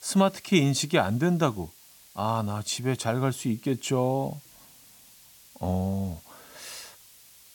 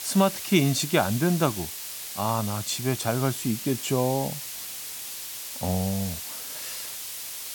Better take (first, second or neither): first